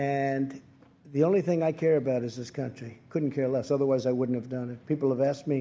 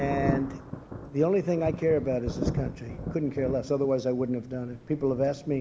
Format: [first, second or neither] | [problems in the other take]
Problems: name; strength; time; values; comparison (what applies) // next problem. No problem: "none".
first | background sound (Thunder); 7 dB below the speech